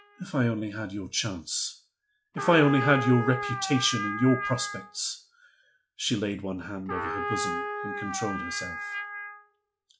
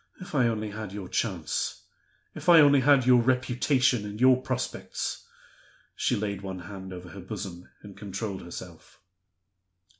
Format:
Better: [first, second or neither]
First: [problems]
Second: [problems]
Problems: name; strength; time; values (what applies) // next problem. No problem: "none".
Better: second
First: noise reduction (classical method log-MMSE)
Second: none